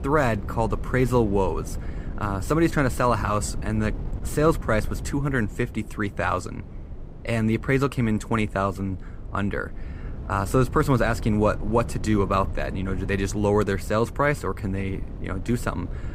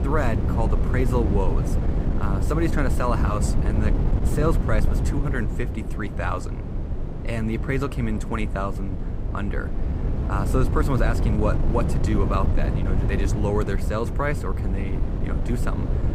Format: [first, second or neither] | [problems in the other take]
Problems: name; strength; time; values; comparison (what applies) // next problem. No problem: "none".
first | wind noise on the microphone; heavy; 6 dB below the speech; occasional gusts in the first